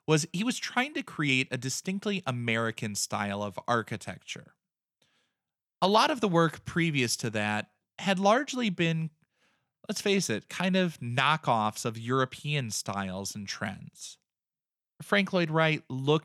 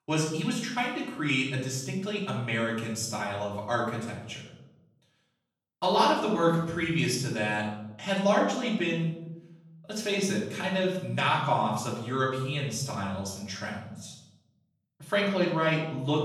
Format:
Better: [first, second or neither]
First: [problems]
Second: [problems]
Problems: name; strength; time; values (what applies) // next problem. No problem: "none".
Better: first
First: none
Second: off-mic speech; far // room echo; noticeable; dies away in 0.8 s